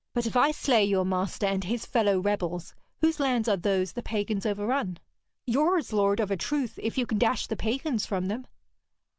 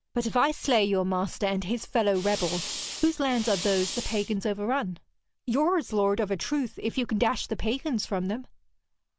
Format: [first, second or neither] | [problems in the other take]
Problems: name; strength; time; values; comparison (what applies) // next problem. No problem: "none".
first | background sound (Fire); 8 dB below the speech